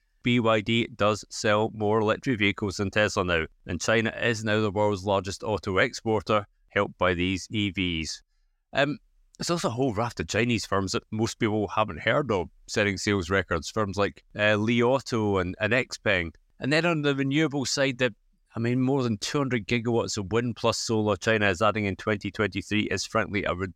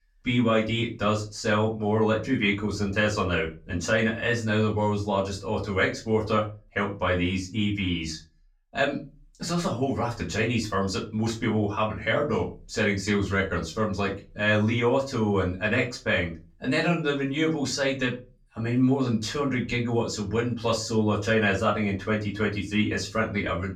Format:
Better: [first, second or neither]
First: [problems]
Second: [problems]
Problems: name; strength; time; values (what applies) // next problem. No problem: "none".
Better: first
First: none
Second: off-mic speech; far // room echo; very slight; dies away in 0.3 s